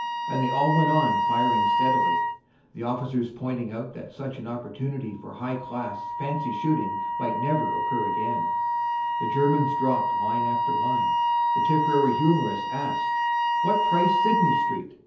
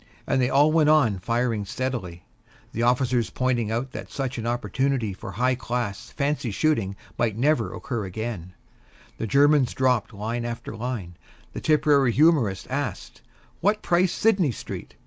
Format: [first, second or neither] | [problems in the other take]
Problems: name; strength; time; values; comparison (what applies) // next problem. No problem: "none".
second | background sound (Wind instrument, woodwind instrument); 2 dB above the speech // room echo; dies away in 0.5 s